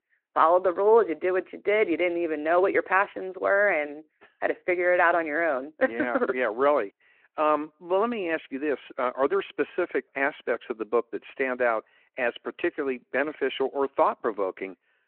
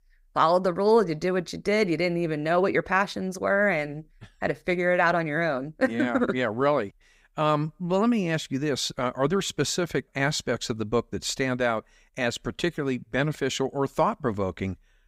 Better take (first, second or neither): second